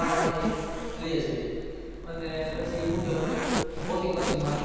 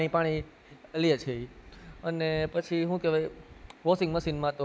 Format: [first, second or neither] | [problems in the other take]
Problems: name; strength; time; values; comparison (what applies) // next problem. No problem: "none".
second | background sound (Zipper (clothing)); 2 dB below the speech // room echo; dies away in 2.1 s